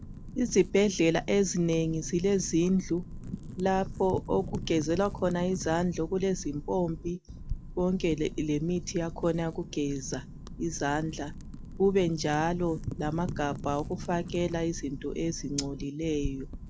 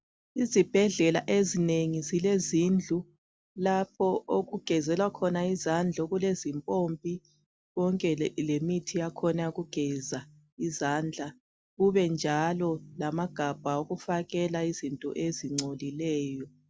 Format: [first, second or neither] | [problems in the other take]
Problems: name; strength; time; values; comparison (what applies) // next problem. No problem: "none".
second | background sound (Wind / Fire); 10 dB below the speech